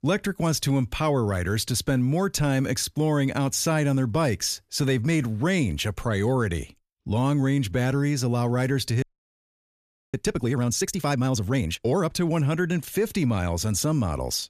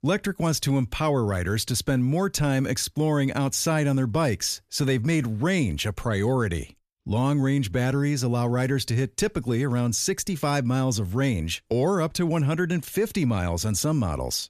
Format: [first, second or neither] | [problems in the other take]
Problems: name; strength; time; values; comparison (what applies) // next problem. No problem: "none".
second | audio freezing; at 9 s for 1 s